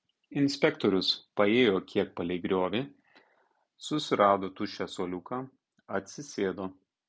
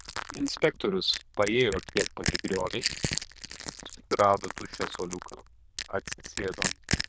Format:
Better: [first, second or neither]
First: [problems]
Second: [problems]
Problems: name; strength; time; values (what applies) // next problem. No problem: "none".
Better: first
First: none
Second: noise reduction (neural diffusion model UNIVERSE++)